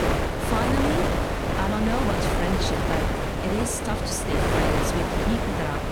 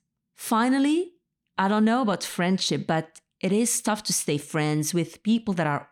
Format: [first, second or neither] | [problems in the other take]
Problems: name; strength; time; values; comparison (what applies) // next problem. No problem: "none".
second | wind noise on the microphone; heavy; 5 dB above the speech